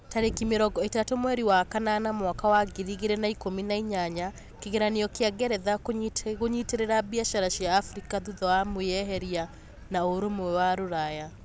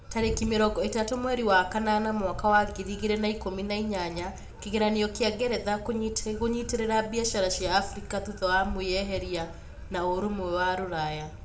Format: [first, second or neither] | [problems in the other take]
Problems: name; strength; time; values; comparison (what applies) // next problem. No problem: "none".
first | room echo; dies away in 0.5 s